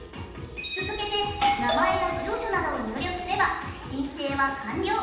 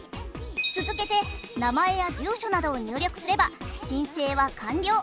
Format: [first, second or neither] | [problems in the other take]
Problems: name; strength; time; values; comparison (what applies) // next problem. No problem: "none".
second | background sound (Doorbell); 2 dB below the speech // room echo; dies away in 0.9 s